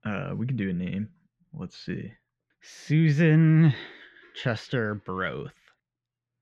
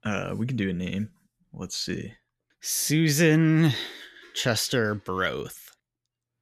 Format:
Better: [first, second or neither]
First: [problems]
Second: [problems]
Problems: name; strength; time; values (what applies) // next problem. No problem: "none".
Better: second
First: muffled; slightly; fading above 2.5 kHz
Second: none